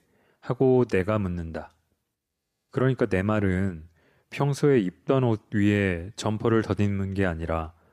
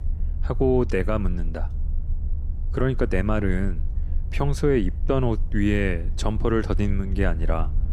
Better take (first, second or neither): first